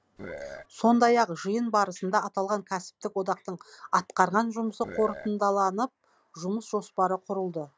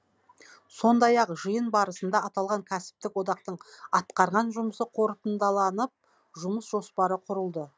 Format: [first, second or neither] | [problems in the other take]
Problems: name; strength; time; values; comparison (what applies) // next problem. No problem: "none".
second | background sound (Burping, eructation); 12 dB below the speech